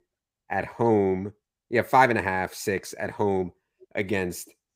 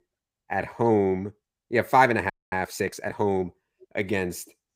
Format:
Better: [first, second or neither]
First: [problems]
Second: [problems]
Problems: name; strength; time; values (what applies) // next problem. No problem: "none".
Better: first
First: none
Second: audio freezing; at 2.5 s